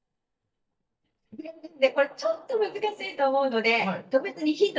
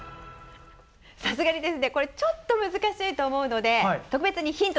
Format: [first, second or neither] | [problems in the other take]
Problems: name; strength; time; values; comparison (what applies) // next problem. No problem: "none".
second | noise reduction (neural mask model DeepFilterNet 3)